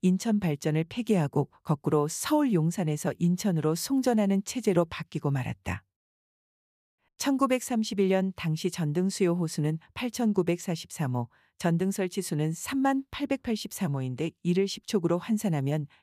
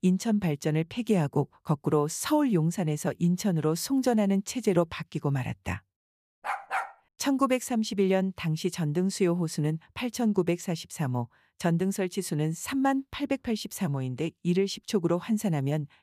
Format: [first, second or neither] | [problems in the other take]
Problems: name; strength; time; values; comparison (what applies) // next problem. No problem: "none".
first | dog barking; noticeable; at 6.5 s; peak 3 dB below the speech